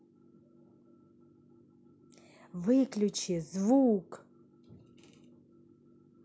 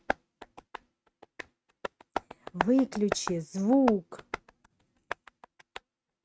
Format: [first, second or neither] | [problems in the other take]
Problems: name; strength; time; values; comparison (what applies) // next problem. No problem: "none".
first | noise reduction (neural mask model RNNoise)